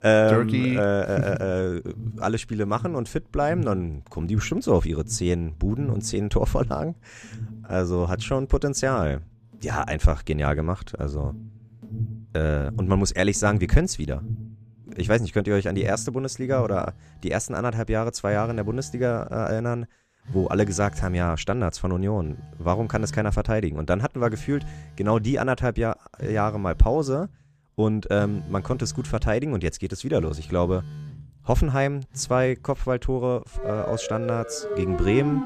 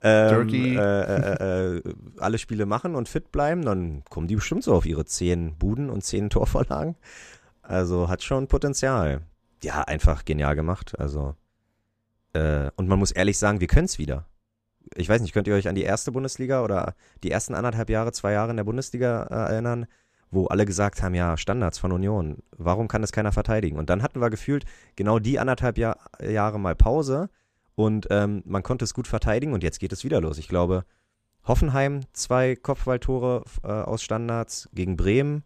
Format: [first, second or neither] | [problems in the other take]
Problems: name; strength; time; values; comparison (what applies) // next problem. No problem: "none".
second | alarms or sirens; noticeable; throughout; 10 dB below the speech